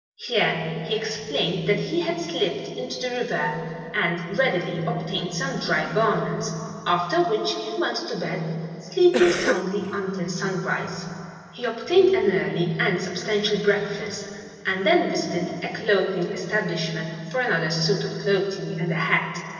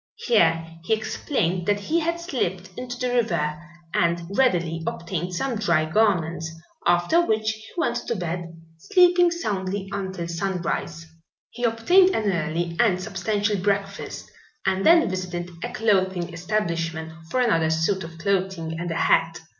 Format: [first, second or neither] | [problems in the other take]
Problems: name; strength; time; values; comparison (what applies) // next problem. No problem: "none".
second | noise reduction (neural separator model SepFormer DNS4)